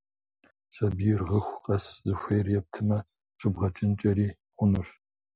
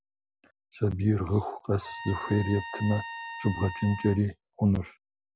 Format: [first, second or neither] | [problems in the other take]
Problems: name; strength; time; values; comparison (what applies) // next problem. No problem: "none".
first | background sound (Trumpet); 12 dB below the speech